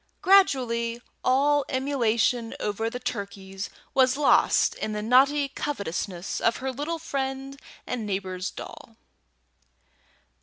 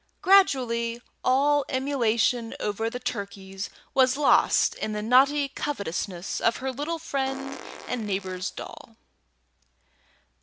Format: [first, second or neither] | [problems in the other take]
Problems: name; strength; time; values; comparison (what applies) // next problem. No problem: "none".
first | background sound (Fart); 15 dB below the speech